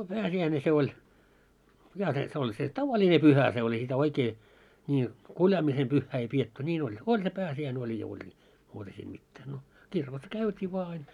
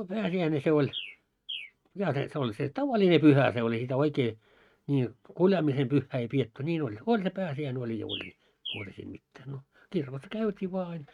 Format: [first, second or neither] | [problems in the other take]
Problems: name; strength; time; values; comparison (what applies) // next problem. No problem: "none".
first | noise reduction (neural mask model RNNoise)